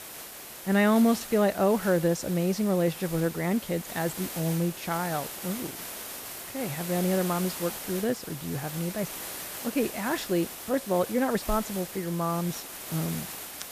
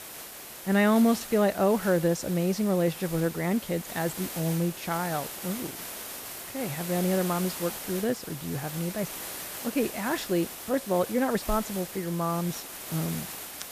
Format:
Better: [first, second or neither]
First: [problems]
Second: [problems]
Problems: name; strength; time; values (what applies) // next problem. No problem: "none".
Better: neither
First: hiss; loud; throughout; 9 dB below the speech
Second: hiss; loud; throughout; 9 dB below the speech